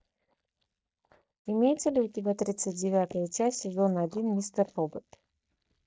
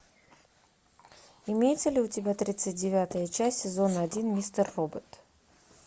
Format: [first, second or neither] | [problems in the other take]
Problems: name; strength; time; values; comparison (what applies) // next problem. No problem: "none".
second | noise reduction (neural mask model DeepFilterNet 3)